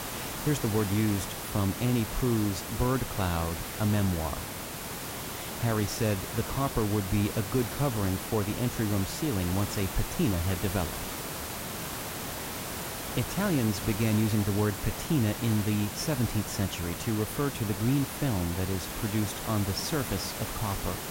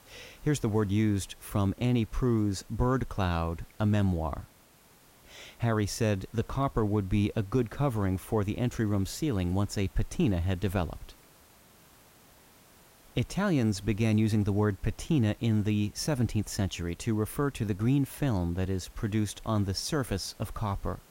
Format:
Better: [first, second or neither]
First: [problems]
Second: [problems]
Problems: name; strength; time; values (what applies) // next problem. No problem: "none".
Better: second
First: hiss; loud; throughout; 5 dB below the speech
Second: hiss; faint; throughout; 25 dB below the speech